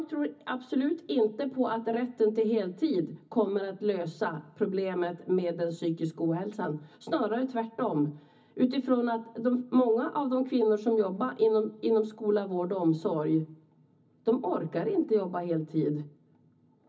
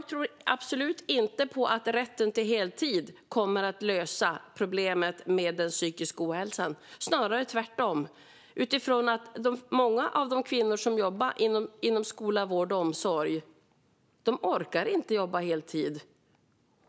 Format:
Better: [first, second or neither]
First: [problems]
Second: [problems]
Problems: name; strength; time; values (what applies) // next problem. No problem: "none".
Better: second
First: room echo; dies away in 0.4 s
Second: none